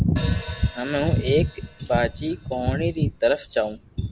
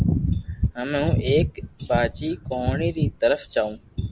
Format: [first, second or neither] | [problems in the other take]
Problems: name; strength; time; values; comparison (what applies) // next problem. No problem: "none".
second | background sound (Hi-hat); 18 dB below the speech